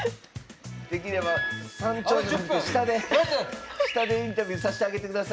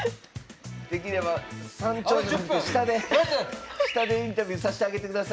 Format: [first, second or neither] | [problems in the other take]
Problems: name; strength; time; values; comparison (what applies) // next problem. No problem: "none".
second | background sound (Wind instrument, woodwind instrument); 13 dB below the speech